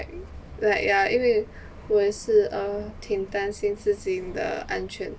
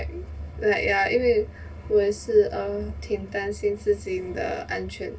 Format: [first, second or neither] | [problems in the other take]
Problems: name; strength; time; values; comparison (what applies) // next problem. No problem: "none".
first | room echo; dies away in 0.2 s